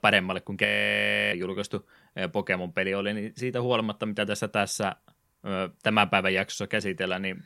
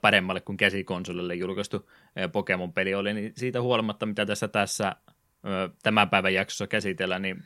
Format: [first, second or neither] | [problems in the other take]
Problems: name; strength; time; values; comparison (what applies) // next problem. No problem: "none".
second | audio freezing; at 0.5 s for 0.5 s